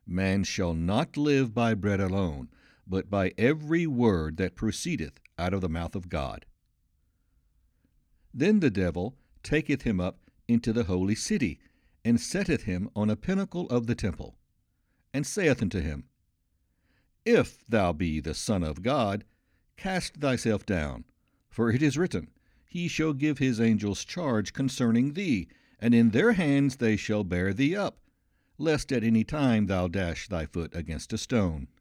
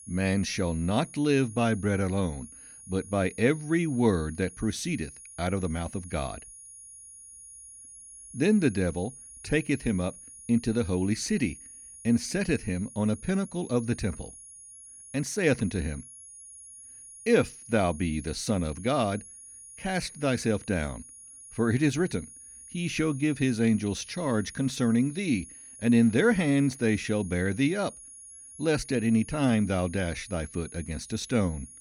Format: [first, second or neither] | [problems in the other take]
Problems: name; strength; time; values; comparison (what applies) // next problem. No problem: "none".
first | high-pitched whine; noticeable; throughout; 10.5 kHz, 15 dB below the speech